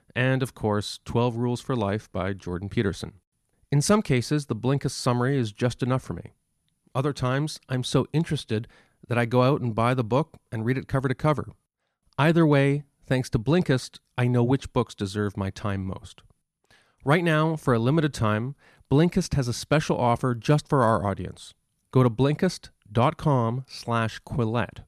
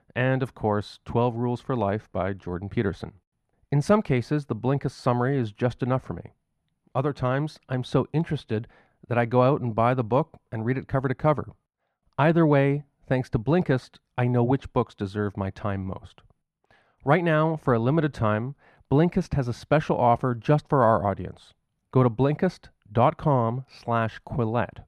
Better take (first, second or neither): first